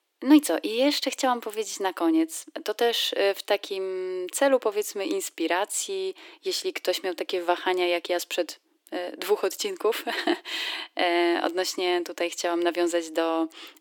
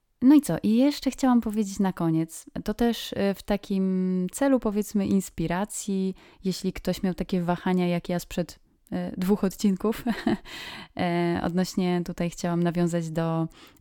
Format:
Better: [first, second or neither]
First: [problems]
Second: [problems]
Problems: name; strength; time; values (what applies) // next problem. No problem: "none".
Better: second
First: thin; very; fading below 300 Hz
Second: none